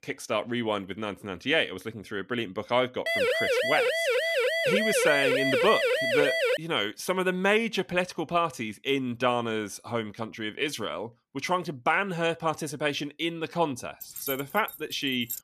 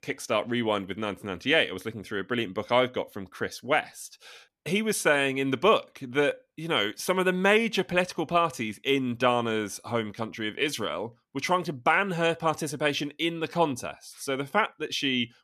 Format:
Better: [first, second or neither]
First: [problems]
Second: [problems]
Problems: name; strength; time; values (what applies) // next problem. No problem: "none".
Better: second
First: siren; loud; from 3 to 6.5 s; peak 4 dB above the speech // jangling keys; noticeable; from 14 s on; peak 6 dB below the speech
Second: none